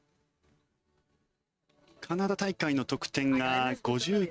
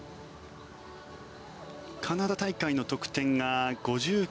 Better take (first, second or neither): second